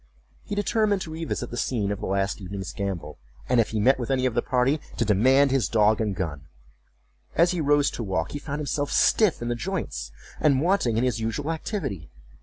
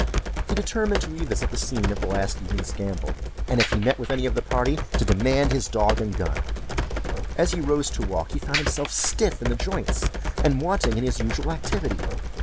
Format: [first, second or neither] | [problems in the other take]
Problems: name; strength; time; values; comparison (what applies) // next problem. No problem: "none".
first | background sound (Computer keyboard); as loud as the speech